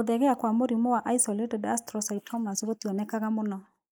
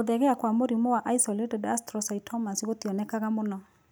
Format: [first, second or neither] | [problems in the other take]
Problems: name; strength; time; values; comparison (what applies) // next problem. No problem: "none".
second | noise reduction (neural mask model Resemble Enhance denoiser)